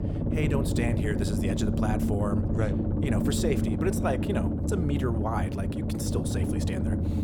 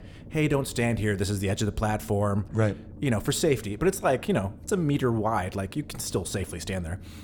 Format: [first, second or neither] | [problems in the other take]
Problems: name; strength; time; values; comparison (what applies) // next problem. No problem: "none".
second | low rumble; loud; throughout; 2 dB below the speech; faint in the second